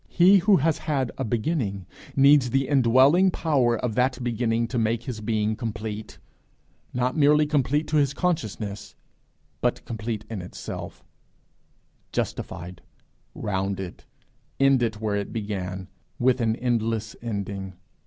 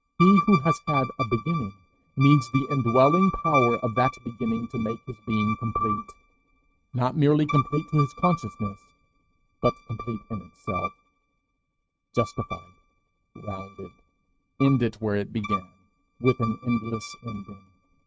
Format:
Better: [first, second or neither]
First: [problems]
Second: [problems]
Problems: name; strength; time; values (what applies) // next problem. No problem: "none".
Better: first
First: none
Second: noise reduction (neural mask model RNNoise)